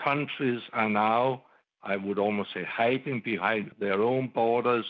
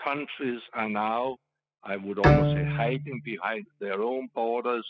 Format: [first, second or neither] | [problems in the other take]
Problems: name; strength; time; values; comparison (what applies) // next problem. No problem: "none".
first | noise reduction (classical method spectral subtraction)